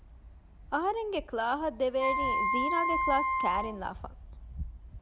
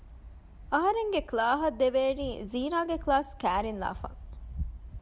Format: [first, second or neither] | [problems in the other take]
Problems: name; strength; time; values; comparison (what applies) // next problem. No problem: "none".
second | background sound (Wind instrument, woodwind instrument); 2 dB above the speech